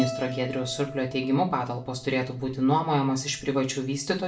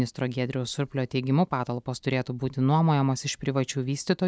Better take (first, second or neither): second